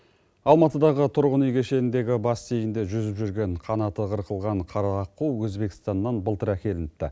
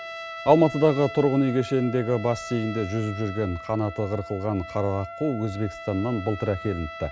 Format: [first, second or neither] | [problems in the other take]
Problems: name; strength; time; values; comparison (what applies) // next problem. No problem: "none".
first | background sound (Trumpet); 13 dB below the speech